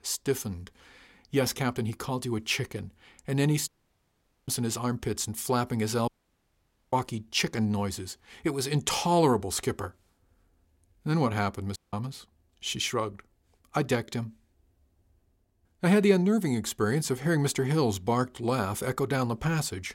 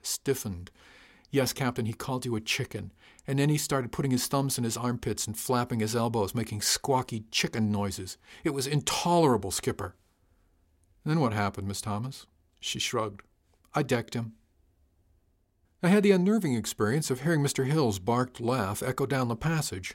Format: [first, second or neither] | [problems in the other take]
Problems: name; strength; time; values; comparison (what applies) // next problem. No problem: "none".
second | audio cutting out; at 3.5 s for 1 s, at 6 s for 1 s and at 12 s